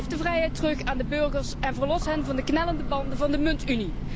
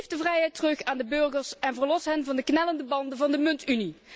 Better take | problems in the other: second | background sound (Train / Breathing); 2 dB below the speech

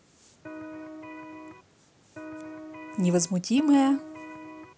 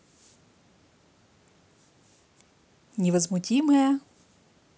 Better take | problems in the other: second | background sound (Electric guitar); 12 dB below the speech

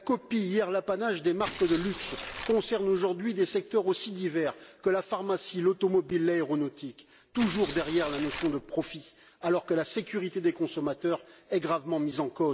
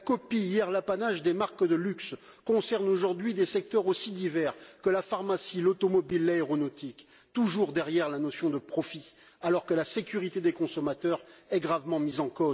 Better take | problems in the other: second | background sound (Tearing); 12 dB below the speech

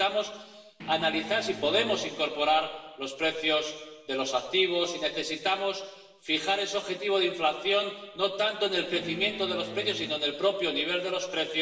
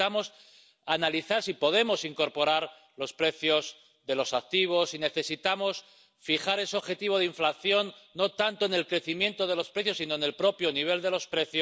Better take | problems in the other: second | background sound (Guitar); 14 dB below the speech // room echo; dies away in 1.1 s

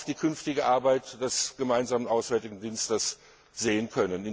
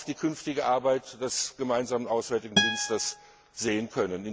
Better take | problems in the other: first | background sound (Acoustic guitar); 2 dB below the speech

